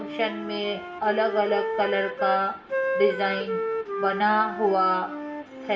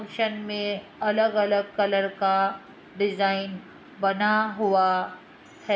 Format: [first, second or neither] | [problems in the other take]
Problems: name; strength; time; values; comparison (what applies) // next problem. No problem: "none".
second | background sound (Wind instrument, woodwind instrument); 5 dB below the speech // room echo; dies away in 0.2 s